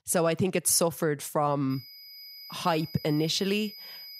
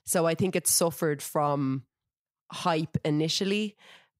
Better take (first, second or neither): second